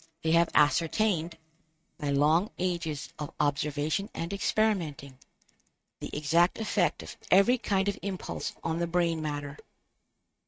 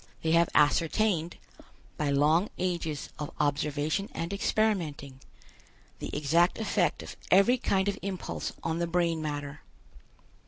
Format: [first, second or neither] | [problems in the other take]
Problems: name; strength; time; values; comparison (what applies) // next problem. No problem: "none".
second | noise reduction (neural mask model RNNoise)